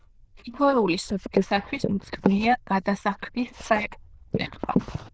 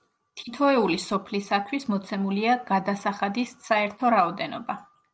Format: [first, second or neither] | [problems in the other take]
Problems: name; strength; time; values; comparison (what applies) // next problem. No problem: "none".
second | noise reduction (neural diffusion model UNIVERSE++)